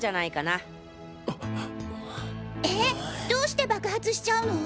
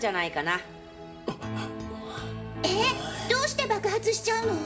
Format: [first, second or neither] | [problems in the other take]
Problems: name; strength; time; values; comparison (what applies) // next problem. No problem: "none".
first | room echo; dies away in 2 s